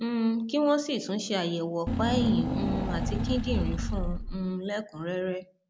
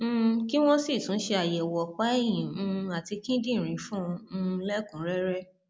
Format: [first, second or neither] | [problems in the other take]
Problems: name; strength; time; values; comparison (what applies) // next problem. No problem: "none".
second | background sound (Engine / Car); as loud as the speech